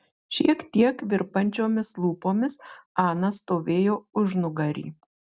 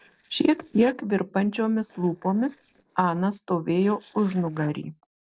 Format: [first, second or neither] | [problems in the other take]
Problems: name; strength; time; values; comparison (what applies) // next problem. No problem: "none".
first | noise reduction (neural separator model SepFormer DNS4)